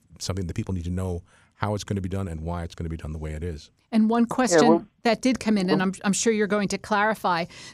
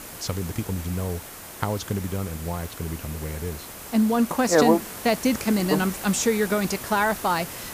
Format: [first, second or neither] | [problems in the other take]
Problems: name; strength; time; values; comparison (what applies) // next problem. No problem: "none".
first | hiss; noticeable; throughout; 10 dB below the speech